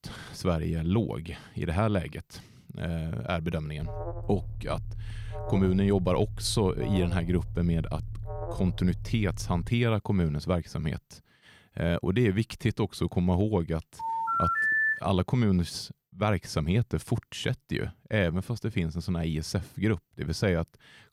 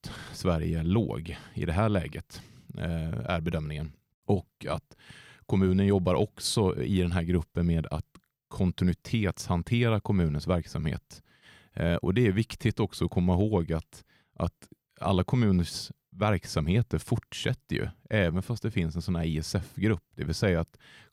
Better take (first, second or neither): second